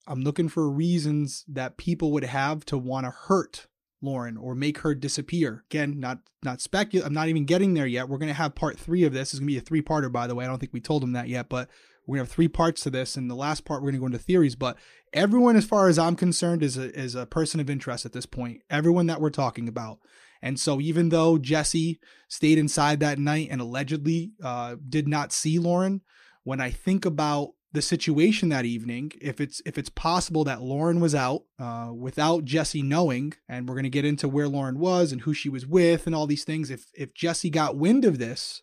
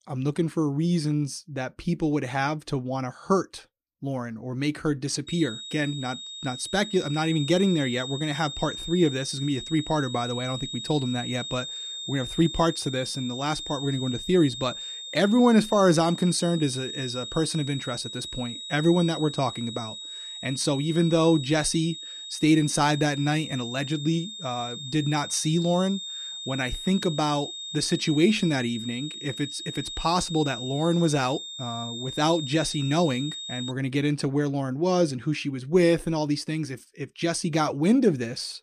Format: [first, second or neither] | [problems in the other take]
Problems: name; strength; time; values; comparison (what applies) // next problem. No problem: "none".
first | high-pitched whine; loud; from 5.5 to 34 s; 3.5 kHz, 8 dB below the speech